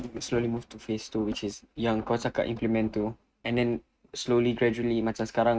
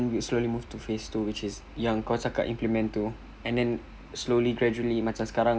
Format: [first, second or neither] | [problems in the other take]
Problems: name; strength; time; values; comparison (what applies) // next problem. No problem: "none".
second | noise reduction (neural mask model RNNoise)